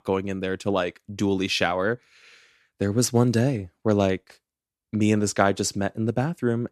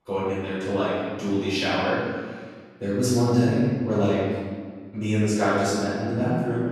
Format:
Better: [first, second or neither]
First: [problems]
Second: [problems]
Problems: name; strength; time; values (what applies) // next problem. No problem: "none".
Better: first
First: none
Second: off-mic speech; far // room echo; strong; dies away in 1.6 s